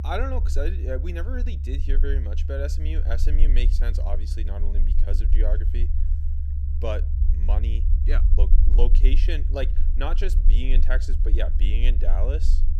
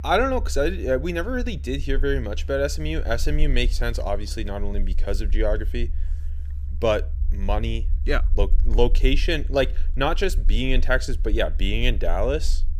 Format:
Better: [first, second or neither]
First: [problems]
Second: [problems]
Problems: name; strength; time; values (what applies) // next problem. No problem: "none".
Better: second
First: low rumble; loud; throughout; 10 dB below the speech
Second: low rumble; faint; throughout; 25 dB below the speech